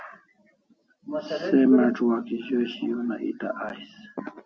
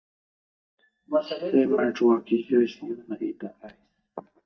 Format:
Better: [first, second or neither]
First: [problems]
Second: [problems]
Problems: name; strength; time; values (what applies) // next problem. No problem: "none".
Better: first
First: none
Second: noise reduction (neural mask model DeepFilterNet 3)